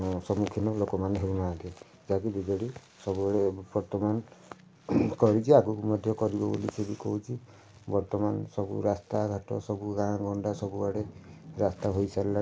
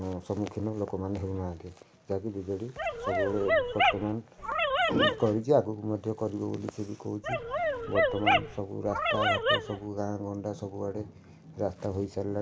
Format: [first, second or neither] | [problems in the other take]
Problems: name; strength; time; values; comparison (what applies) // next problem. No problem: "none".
first | background sound (Dog); 4 dB above the speech